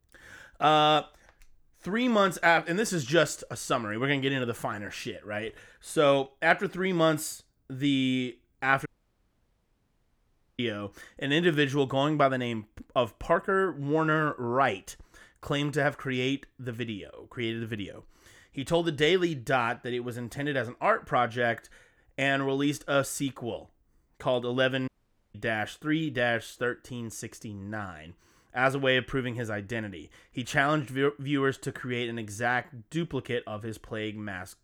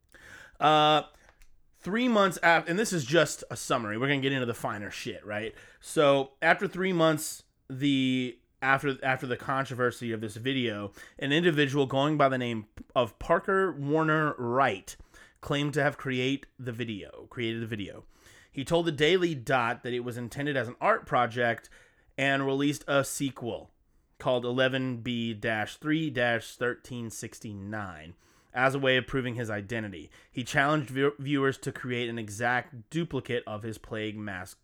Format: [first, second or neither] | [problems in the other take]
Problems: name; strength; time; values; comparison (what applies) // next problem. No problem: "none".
second | audio cutting out; at 9 s for 1.5 s and at 25 s